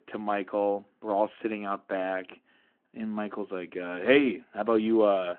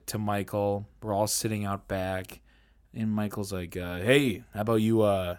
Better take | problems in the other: second | phone-call audio

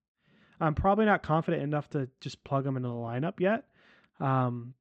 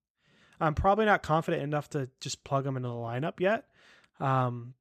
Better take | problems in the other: second | muffled; very slightly; fading above 3.5 kHz

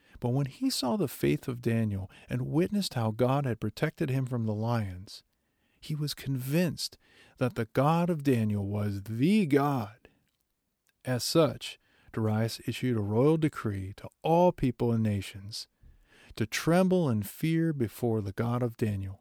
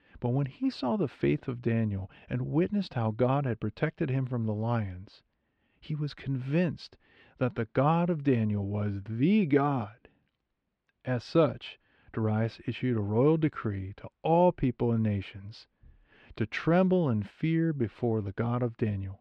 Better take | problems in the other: first | muffled; slightly; fading above 3 kHz

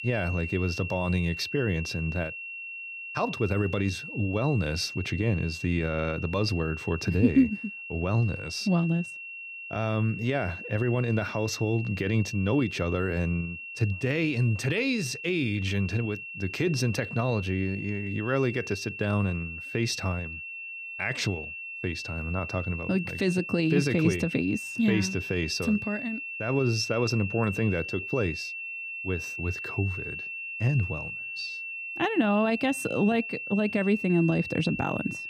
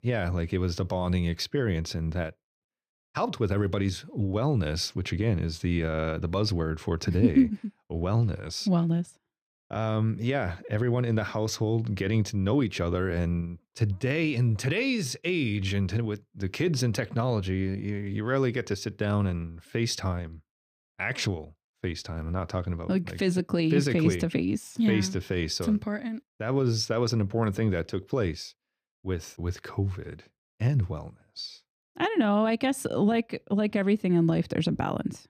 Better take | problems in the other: second | high-pitched whine; loud; throughout; 2.5 kHz, 7 dB below the speech

